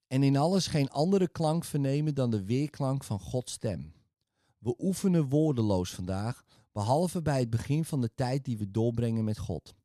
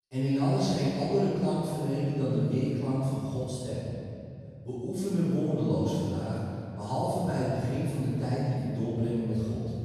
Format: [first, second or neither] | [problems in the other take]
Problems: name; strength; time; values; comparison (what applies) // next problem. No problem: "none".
first | room echo; strong; dies away in 2.3 s // off-mic speech; far